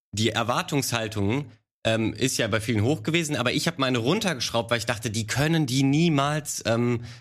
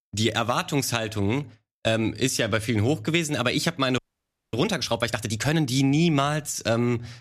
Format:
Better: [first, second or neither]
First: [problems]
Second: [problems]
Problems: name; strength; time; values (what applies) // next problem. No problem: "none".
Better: first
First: none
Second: audio freezing; at 4 s for 0.5 s